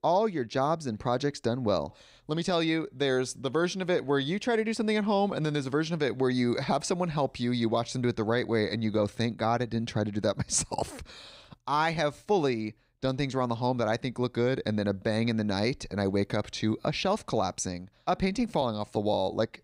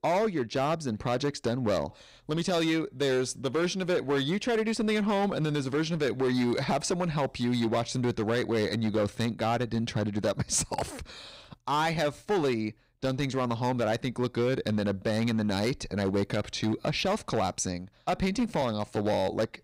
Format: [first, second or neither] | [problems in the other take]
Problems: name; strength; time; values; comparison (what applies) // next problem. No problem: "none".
first | distortion; slight; 10% of the sound clipped